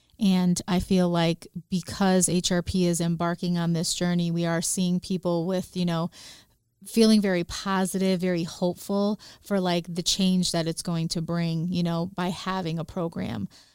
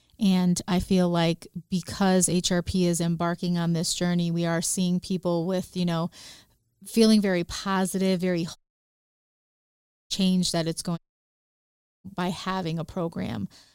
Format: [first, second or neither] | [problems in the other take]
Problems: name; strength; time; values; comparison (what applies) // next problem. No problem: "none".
first | audio cutting out; at 8.5 s for 1.5 s and at 11 s for 1 s